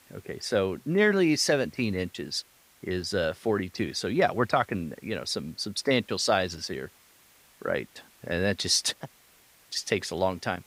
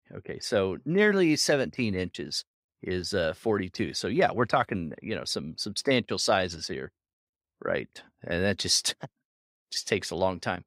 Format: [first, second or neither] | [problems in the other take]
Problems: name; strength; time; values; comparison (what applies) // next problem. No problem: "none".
second | hiss; faint; throughout; 30 dB below the speech